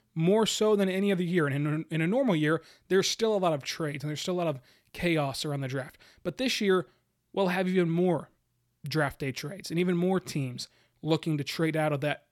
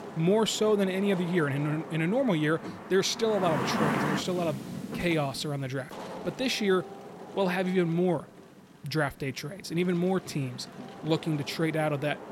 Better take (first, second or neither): first